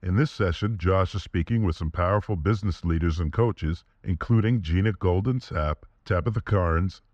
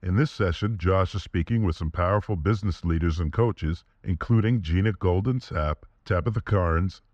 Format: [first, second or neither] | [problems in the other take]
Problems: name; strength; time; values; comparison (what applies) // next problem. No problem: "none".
neither | muffled; slightly; fading above 3 kHz; the same in both